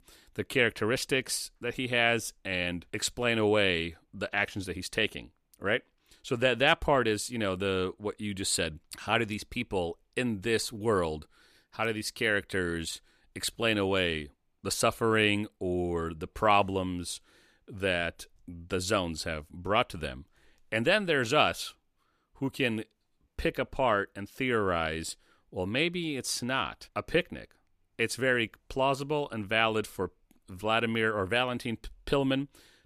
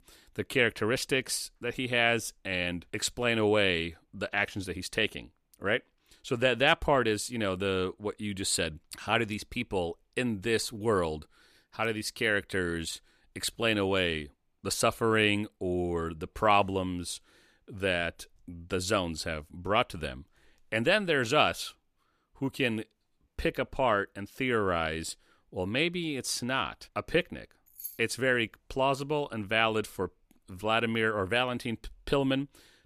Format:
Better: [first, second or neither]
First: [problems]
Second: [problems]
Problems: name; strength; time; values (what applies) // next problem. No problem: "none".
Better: first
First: none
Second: jangling keys; faint; at 28 s; peak 10 dB below the speech